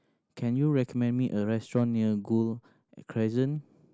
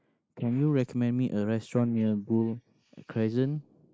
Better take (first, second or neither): first